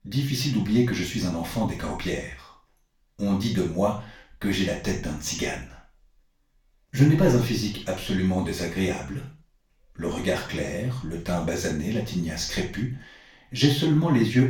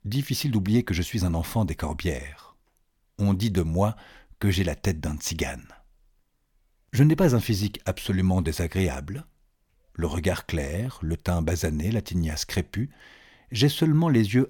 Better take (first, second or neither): second